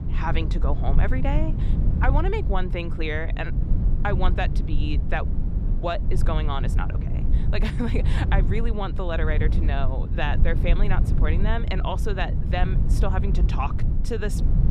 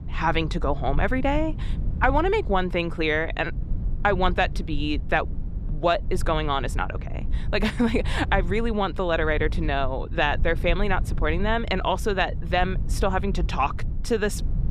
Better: second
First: low rumble; loud; throughout; 9 dB below the speech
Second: low rumble; faint; throughout; 20 dB below the speech

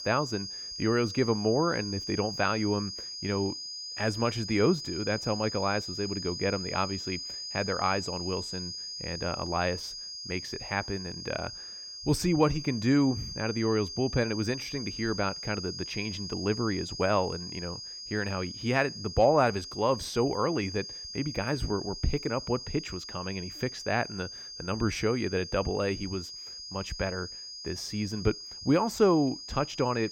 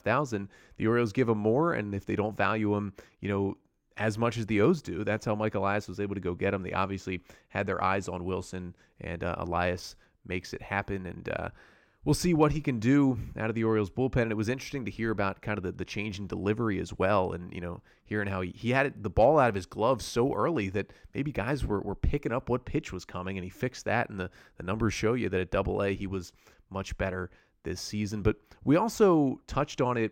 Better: second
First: high-pitched whine; loud; throughout; 5 kHz, 7 dB below the speech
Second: none

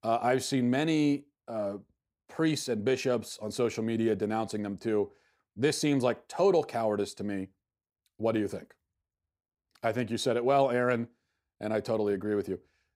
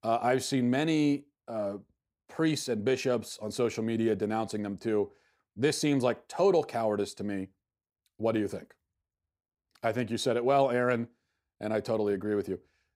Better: neither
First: none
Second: none

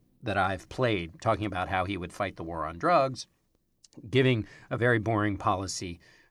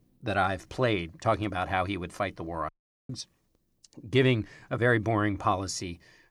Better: first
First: none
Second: audio cutting out; at 2.5 s

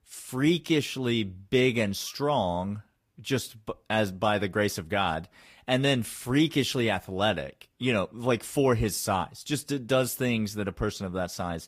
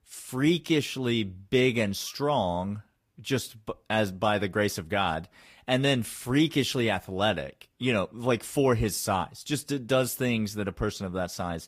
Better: neither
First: garbled, watery; slightly; nothing above 15.5 kHz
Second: garbled, watery; slightly; nothing above 15.5 kHz

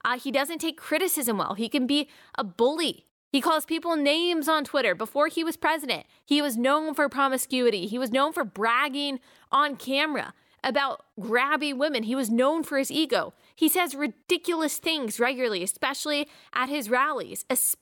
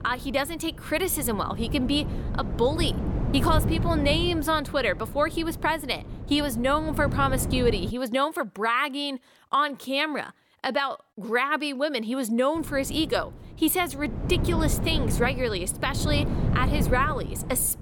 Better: first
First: none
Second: wind noise on the microphone; occasional gusts; until 8 s and from 13 s on; 10 dB below the speech

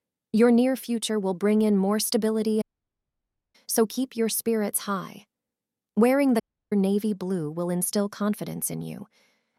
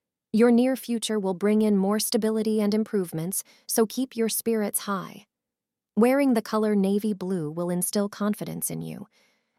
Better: second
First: audio cutting out; at 2.5 s for 1 s and at 6.5 s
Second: none

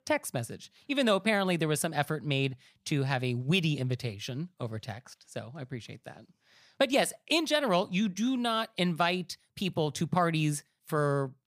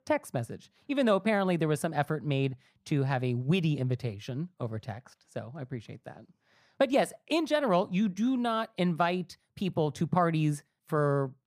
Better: first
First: none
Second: muffled; slightly; fading above 2 kHz

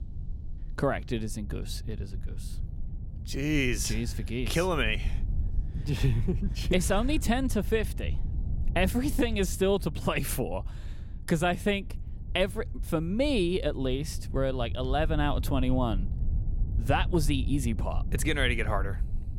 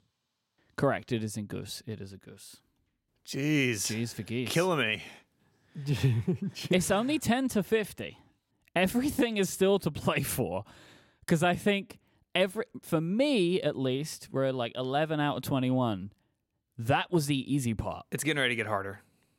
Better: second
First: low rumble; faint; throughout; 20 dB below the speech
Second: none

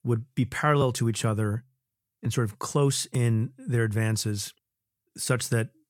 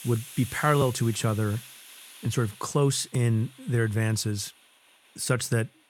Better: first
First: none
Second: hiss; noticeable; throughout; 15 dB below the speech

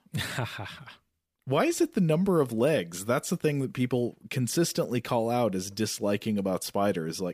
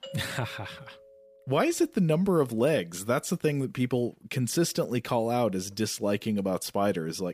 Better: first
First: none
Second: doorbell; faint; until 1.5 s; peak 15 dB below the speech

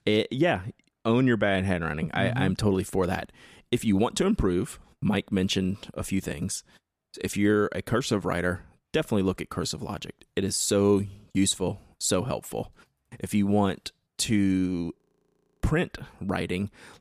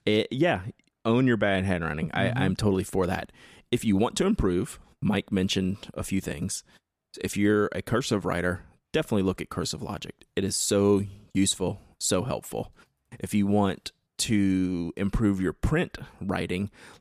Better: second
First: audio freezing; at 15 s for 0.5 s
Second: none

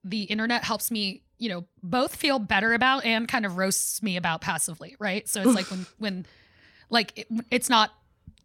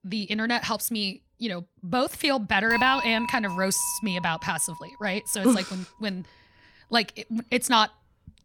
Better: first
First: none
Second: clattering dishes; noticeable; from 2.5 to 5 s; peak 4 dB below the speech

